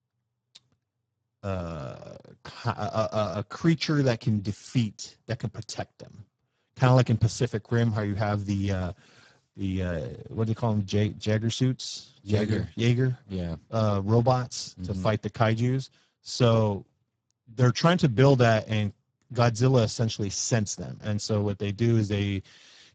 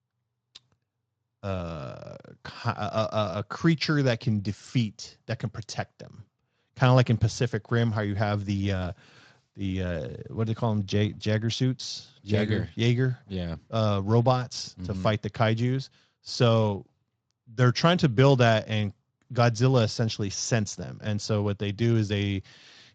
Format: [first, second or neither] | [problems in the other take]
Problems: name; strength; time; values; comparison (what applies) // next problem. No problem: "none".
second | garbled, watery; badly; nothing above 7.5 kHz; slightly in the second